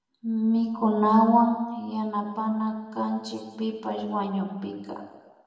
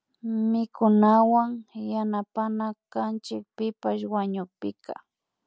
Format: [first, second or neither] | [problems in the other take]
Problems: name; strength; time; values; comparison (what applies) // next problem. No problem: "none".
second | room echo; dies away in 1.2 s